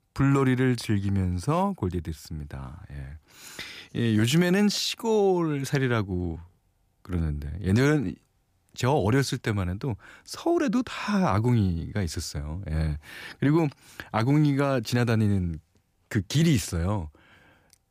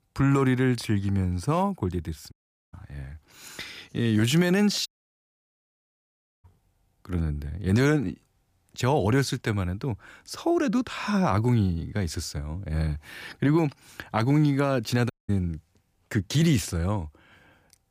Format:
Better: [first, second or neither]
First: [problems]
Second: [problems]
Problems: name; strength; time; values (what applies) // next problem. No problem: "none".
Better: first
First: none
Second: audio cutting out; at 2.5 s, at 5 s for 1.5 s and at 15 s